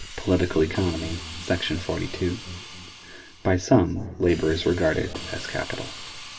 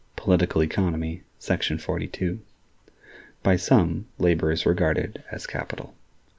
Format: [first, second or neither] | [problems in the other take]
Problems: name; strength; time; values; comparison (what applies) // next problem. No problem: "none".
second | background sound (Hiss); 14 dB below the speech // room echo; dies away in 2.4 s